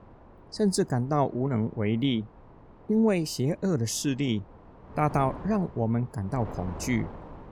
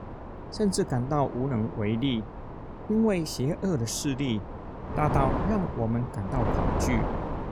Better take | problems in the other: first | wind noise on the microphone; heavy; 5 dB below the speech; occasional gusts in the first

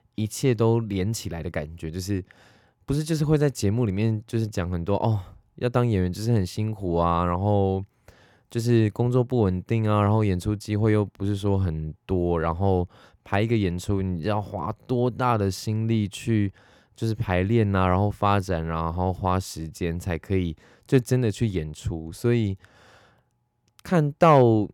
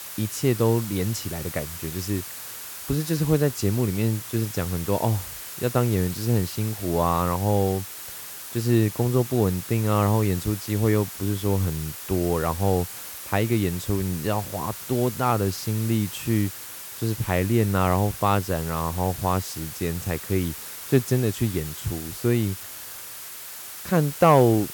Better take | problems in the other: first | hiss; loud; throughout; 10 dB below the speech

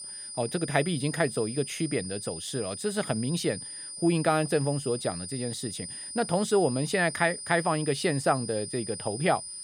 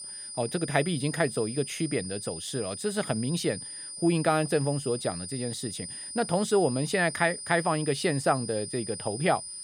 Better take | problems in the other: neither | high-pitched whine; loud; throughout; 9.5 kHz, 8 dB below the speech; the same in both

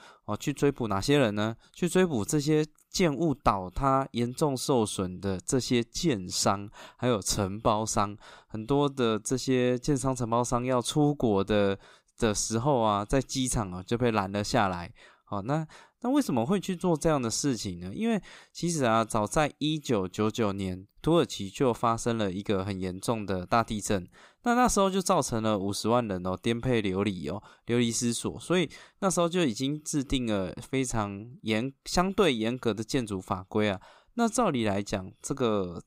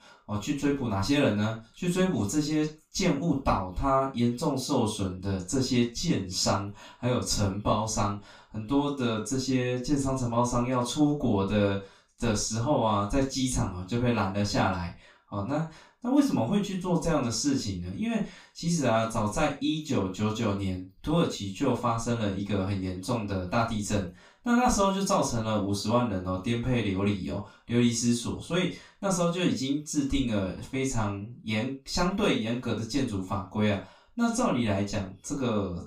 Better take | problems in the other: first | room echo; noticeable; dies away in 0.2 s // off-mic speech; far

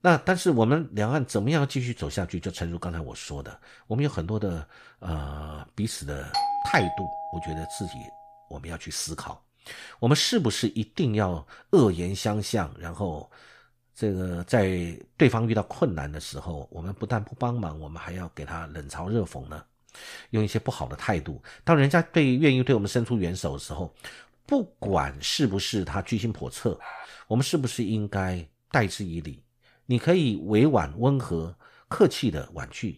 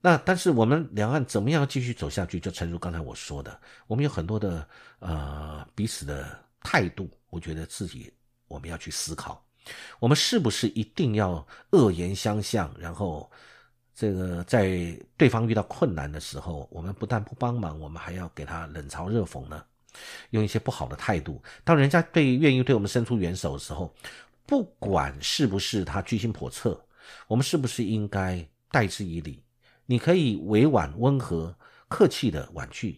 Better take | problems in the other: second | doorbell; noticeable; from 6.5 to 8 s; peak level with the speech // dog barking; faint; at 27 s; peak 15 dB below the speech

